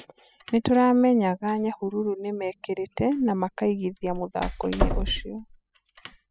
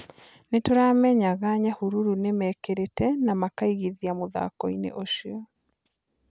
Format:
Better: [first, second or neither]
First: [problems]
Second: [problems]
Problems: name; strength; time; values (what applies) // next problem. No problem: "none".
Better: second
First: noise reduction (classical method spectral subtraction)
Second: none